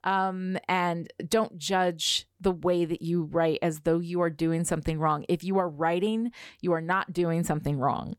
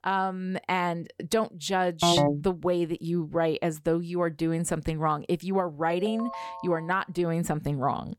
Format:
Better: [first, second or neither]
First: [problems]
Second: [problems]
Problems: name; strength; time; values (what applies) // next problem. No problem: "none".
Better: first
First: none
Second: phone ringing; loud; at 2 s; peak 5 dB above the speech // phone ringing; noticeable; from 6 to 7 s; peak 9 dB below the speech